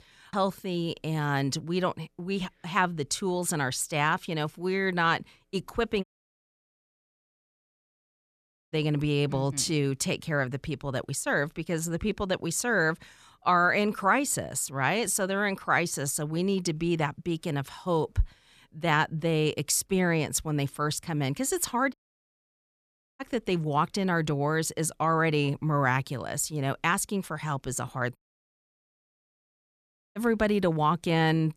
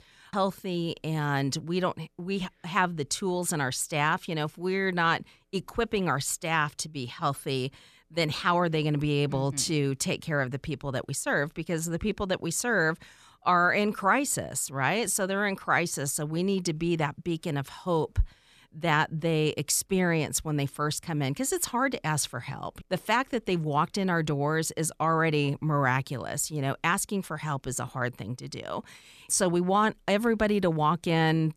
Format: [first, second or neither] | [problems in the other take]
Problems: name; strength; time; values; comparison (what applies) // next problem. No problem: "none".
second | audio cutting out; at 6 s for 2.5 s, at 22 s for 1.5 s and at 28 s for 2 s